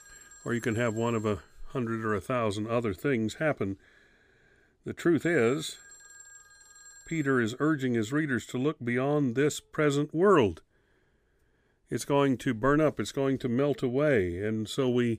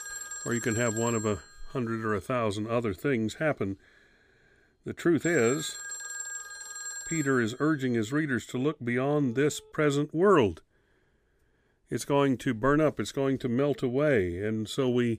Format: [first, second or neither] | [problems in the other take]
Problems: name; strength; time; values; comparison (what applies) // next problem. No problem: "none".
first | alarms or sirens; loud; until 9.5 s; 8 dB below the speech; faint in the first